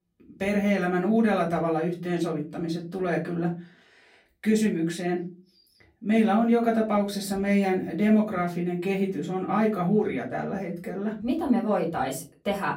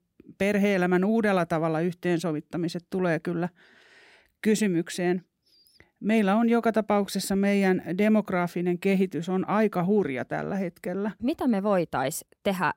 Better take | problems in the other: second | off-mic speech; far // room echo; very slight; dies away in 0.3 s

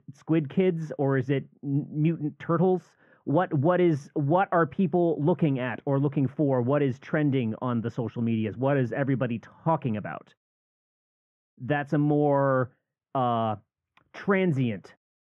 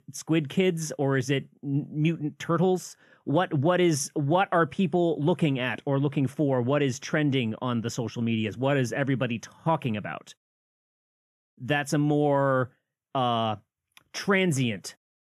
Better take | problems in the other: second | muffled; very; fading above 4 kHz

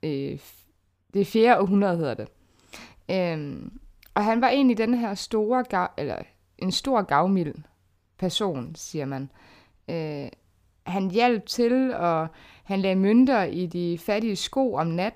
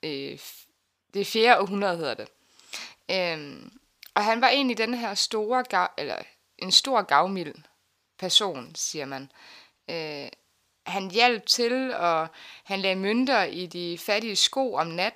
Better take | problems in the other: first | thin; somewhat; fading below 850 Hz

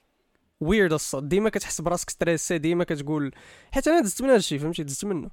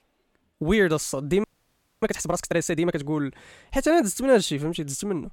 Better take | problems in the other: first | audio freezing; at 1.5 s for 0.5 s

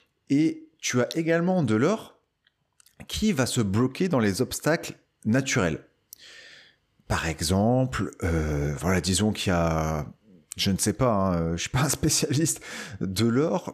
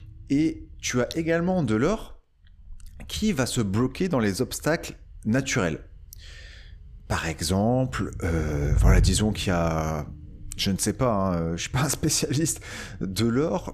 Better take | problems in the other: first | low rumble; noticeable; throughout; 20 dB below the speech

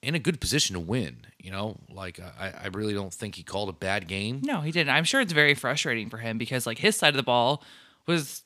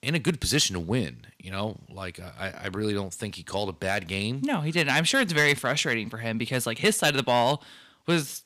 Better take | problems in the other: first | distortion; slight; 1.4% of the sound clipped

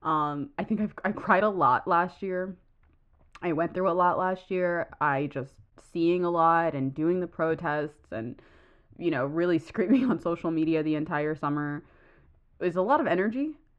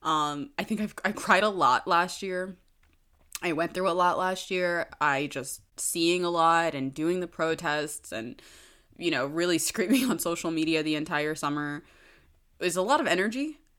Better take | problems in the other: second | muffled; very; fading above 1.5 kHz

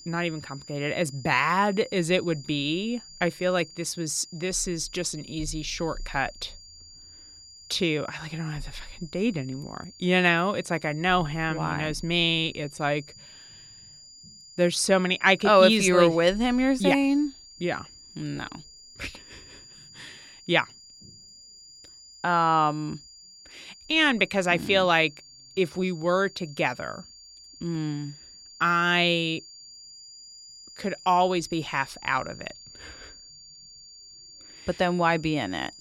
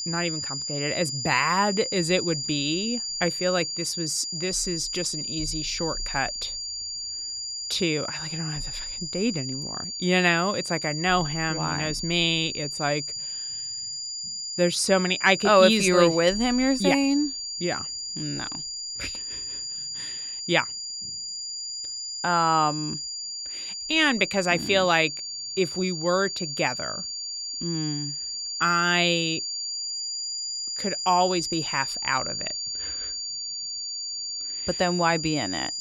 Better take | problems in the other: first | high-pitched whine; loud; throughout; 5 kHz, 5 dB below the speech; faint in the first

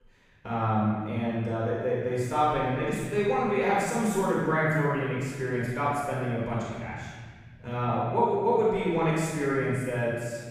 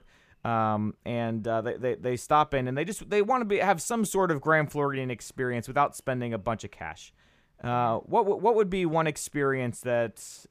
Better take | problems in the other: second | off-mic speech; far // room echo; strong; dies away in 1.8 s

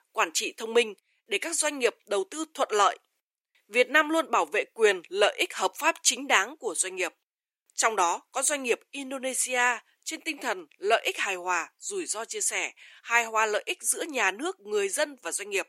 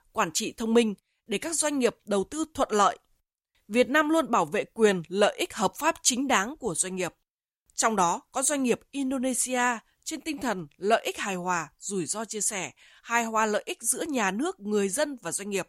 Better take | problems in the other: second | thin; somewhat; fading below 350 Hz

